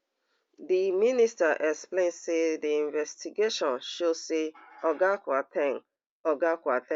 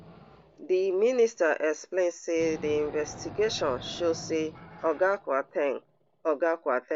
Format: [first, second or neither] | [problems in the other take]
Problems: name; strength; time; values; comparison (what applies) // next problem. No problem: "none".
first | background sound (Wild animals); 18 dB below the speech